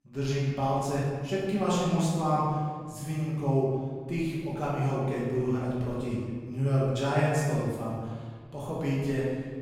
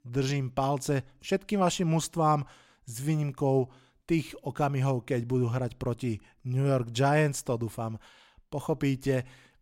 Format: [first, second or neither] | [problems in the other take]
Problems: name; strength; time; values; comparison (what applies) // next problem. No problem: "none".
second | off-mic speech; far // room echo; strong; dies away in 1.5 s